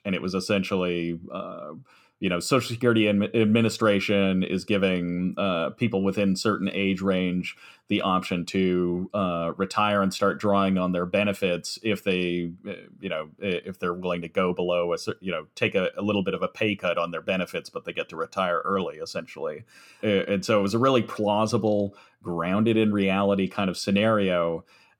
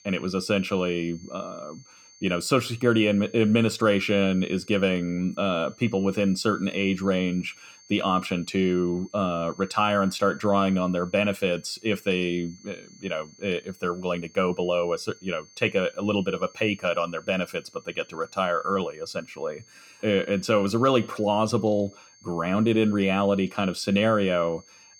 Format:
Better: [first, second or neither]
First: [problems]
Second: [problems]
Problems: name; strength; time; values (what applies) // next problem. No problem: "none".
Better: first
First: none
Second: high-pitched whine; faint; throughout; 6.5 kHz, 25 dB below the speech